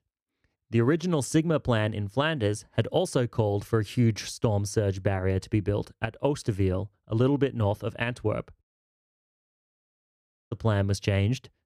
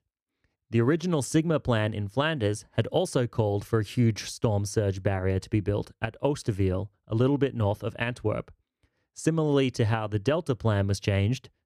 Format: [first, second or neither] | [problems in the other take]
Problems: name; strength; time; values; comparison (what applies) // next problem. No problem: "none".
second | audio cutting out; at 8.5 s for 2 s